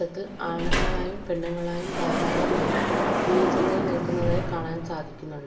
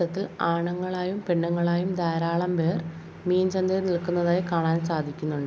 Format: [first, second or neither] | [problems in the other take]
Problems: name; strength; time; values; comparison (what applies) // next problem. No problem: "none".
second | background sound (Sliding door); 4 dB above the speech // room echo; dies away in 0.6 s